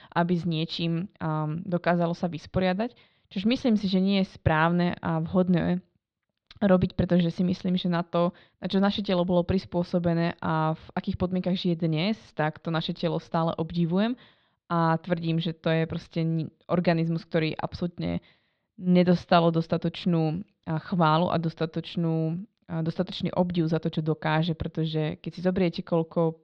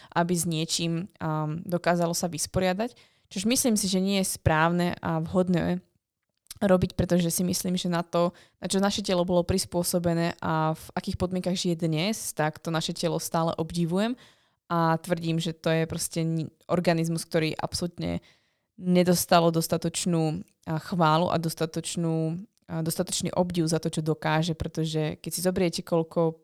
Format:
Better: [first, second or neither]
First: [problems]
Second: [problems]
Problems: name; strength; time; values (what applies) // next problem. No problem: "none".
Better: second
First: muffled; slightly; fading above 4 kHz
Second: none